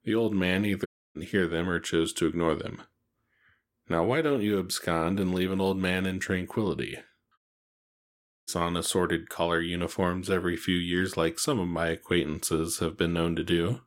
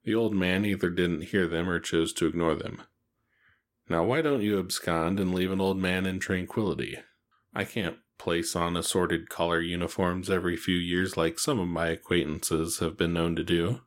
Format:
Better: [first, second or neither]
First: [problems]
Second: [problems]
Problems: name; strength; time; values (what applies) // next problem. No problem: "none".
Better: second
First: audio cutting out; at 1 s and at 7.5 s for 1 s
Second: none